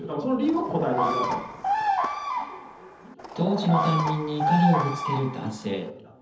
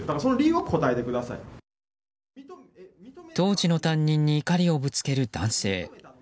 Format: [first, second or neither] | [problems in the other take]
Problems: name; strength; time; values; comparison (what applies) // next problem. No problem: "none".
second | background sound (Bird vocalization, bird call, bird song); 1 dB below the speech // room echo; dies away in 0.7 s